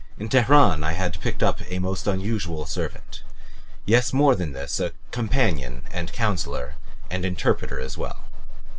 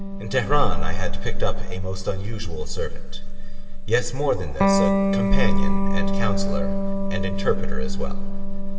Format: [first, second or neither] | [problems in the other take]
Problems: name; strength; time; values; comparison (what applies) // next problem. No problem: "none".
first | background sound (Electric guitar); 9 dB below the speech // room echo; dies away in 2.6 s